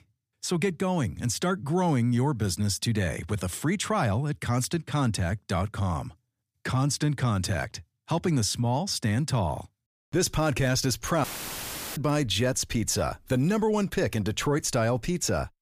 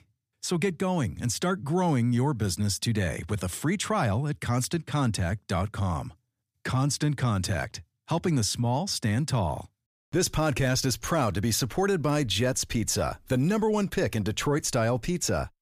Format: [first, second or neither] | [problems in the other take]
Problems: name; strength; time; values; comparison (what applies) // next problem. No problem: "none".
second | audio cutting out; filled with static; at 11 s for 0.5 s